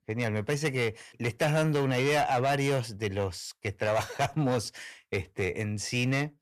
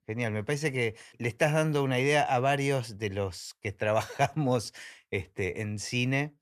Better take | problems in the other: second | distortion; slight; 8% of the sound clipped

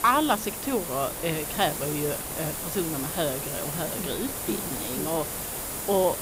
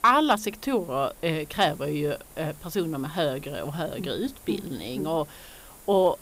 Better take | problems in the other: second | hiss; loud; throughout; 2 dB below the speech; faint in the second

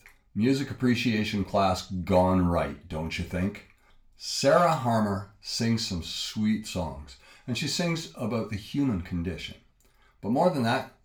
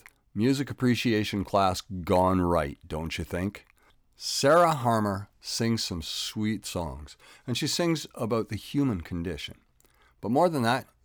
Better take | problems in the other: second | room echo; very slight; dies away in 0.3 s // off-mic speech; far

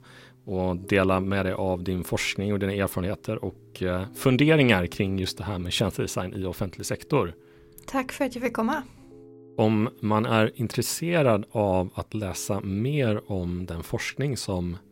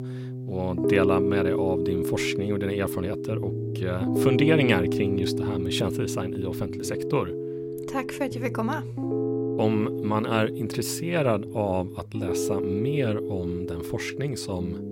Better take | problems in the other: first | background music; loud; throughout; 1 dB below the speech; faint in the first

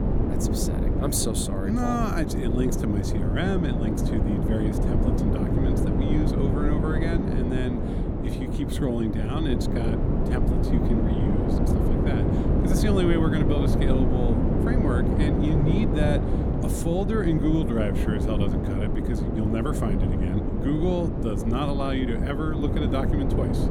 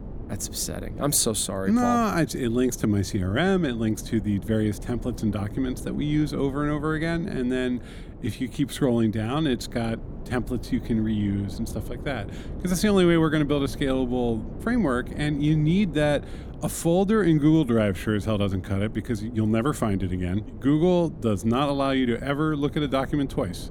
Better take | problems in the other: second | wind noise on the microphone; heavy; as loud as the speech; occasional gusts in the second

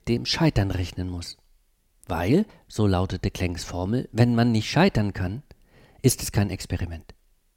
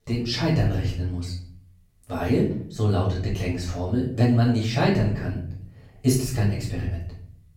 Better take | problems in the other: first | off-mic speech; far // room echo; noticeable; dies away in 0.6 s

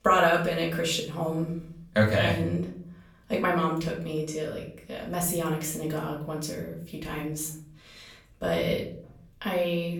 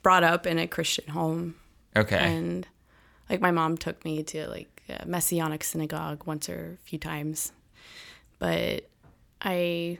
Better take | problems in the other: second | room echo; slight; dies away in 0.6 s // off-mic speech; far

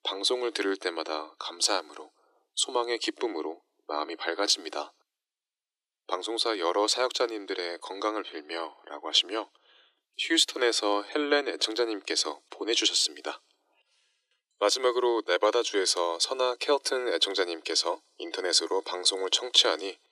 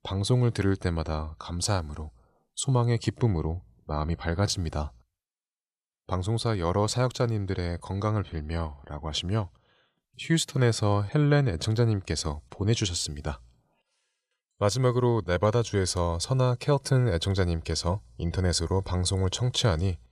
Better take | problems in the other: second | thin; very; fading below 300 Hz

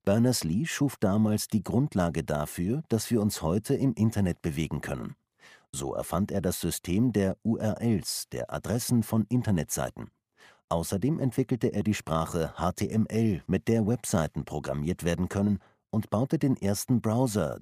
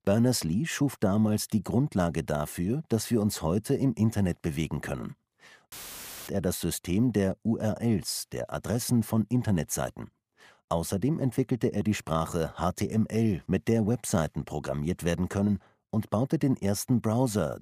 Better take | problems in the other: first | audio cutting out; filled with static; at 5.5 s for 0.5 s

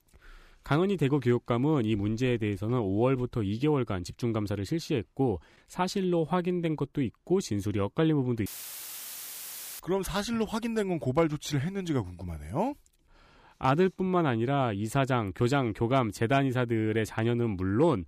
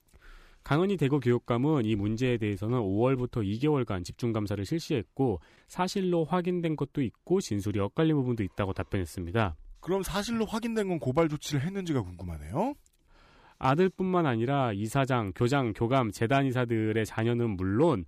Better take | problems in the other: second | audio cutting out; filled with static; at 8.5 s for 1.5 s

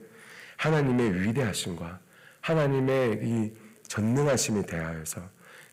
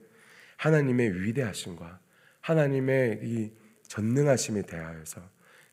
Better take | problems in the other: second | distortion; heavy; 8 dB below the speech

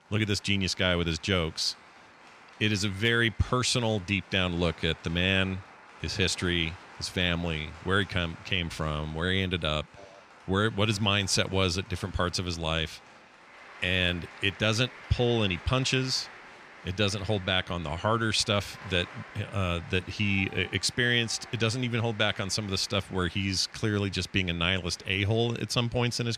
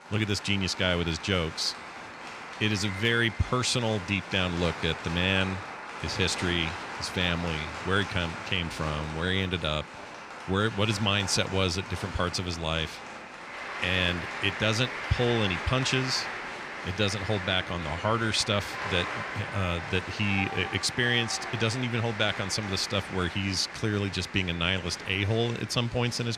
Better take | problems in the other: first | crowd noise; loud; throughout; 9 dB below the speech; faint in the first

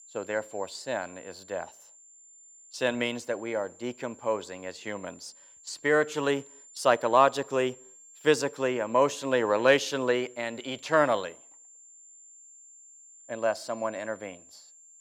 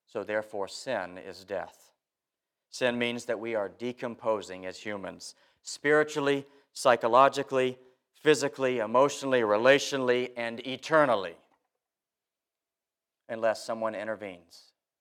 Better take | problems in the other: second | high-pitched whine; faint; throughout; 7.5 kHz, 25 dB below the speech

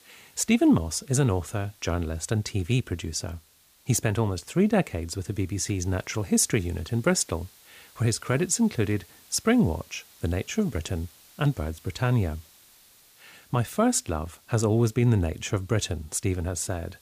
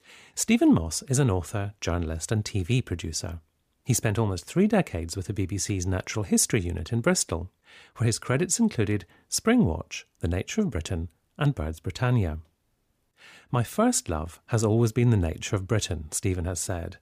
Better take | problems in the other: second | hiss; faint; throughout; 25 dB below the speech

